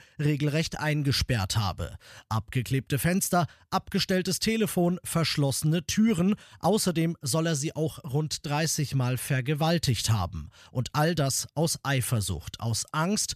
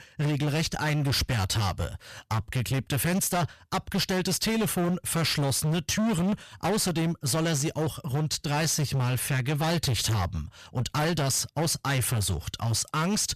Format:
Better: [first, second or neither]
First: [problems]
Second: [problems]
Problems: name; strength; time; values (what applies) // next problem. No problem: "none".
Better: first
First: none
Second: distortion; heavy; 26% of the sound clipped